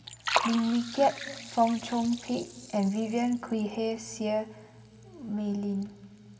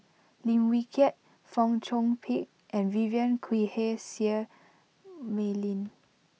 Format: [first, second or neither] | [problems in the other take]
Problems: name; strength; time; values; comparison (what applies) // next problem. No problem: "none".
second | background sound (Liquid); 9 dB below the speech // room echo; dies away in 1.8 s